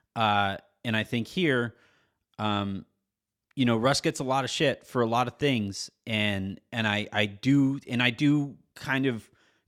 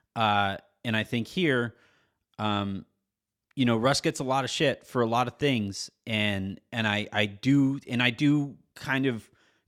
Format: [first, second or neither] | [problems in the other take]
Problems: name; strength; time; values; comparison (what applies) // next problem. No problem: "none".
neither | none